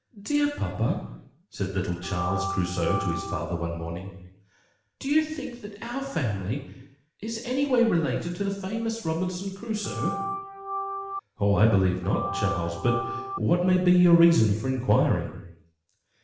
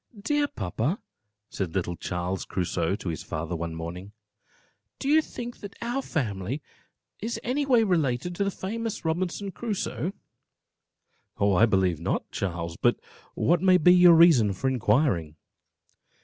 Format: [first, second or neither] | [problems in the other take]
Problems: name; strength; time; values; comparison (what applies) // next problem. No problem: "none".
second | background sound (Organ); 6 dB below the speech // room echo; dies away in 0.9 s